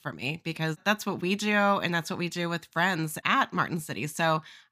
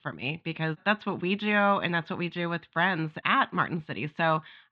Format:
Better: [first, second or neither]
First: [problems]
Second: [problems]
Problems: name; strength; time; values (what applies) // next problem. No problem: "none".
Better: first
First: none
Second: muffled; very; fading above 3.5 kHz